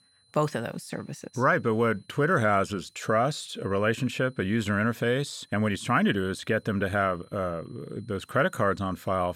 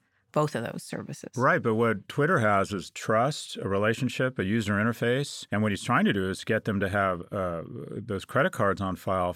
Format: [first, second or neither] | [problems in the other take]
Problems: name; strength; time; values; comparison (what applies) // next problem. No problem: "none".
second | high-pitched whine; faint; throughout; 4 kHz, 35 dB below the speech